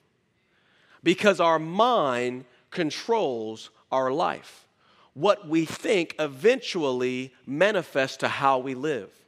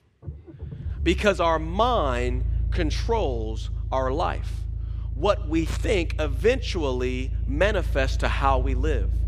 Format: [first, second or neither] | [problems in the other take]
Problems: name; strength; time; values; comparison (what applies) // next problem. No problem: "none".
first | low rumble; faint; throughout; 25 dB below the speech